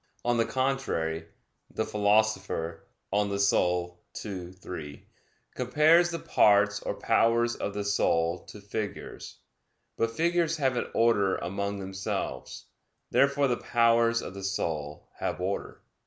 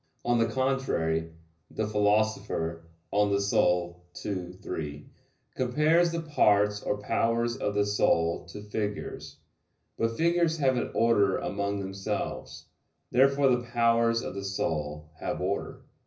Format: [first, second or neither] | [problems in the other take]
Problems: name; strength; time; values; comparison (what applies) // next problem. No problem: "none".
first | room echo; dies away in 0.4 s